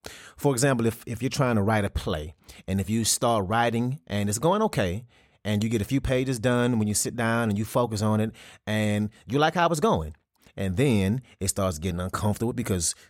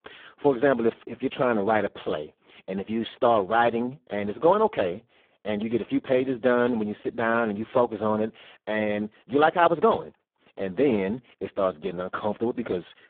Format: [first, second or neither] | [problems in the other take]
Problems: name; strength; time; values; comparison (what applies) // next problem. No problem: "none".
first | phone-call audio; poor line